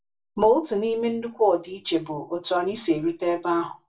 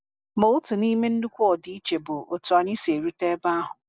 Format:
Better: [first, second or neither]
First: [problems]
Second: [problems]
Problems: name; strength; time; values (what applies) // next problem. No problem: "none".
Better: second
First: room echo; dies away in 0.2 s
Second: none